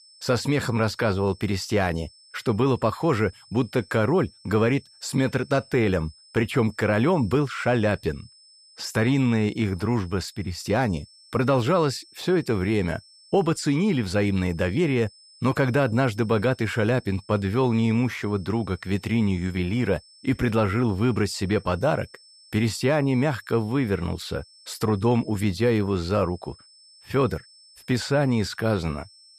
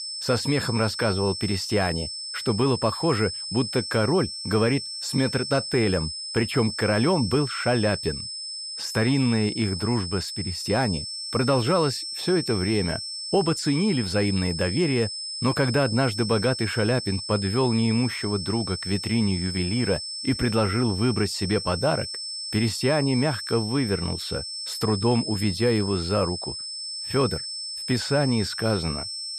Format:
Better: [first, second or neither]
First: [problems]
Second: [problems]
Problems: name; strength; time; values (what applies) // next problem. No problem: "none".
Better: first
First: high-pitched whine; faint; throughout; 5.5 kHz, 25 dB below the speech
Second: high-pitched whine; loud; throughout; 5.5 kHz, 6 dB below the speech